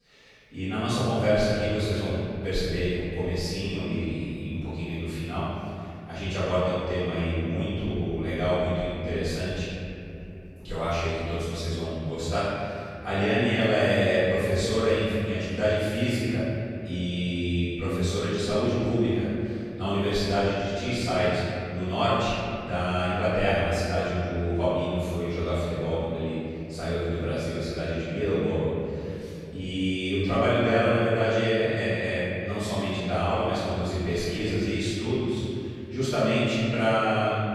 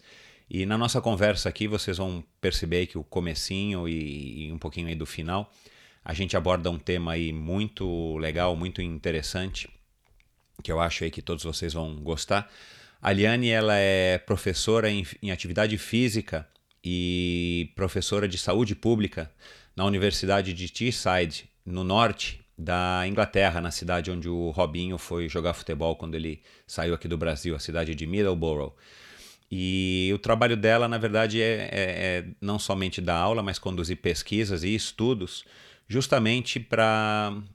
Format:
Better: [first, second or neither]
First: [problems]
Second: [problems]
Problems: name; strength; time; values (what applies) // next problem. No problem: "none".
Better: second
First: off-mic speech; far // room echo; strong; dies away in 3 s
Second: none